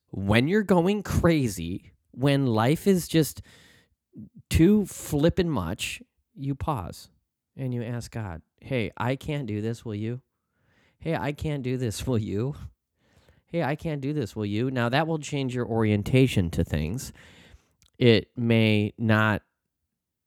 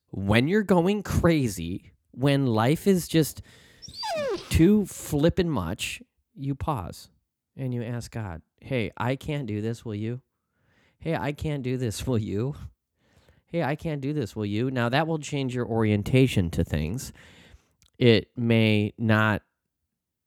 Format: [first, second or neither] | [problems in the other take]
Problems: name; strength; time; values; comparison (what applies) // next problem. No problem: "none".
first | dog barking; noticeable; at 4 s; peak 3 dB below the speech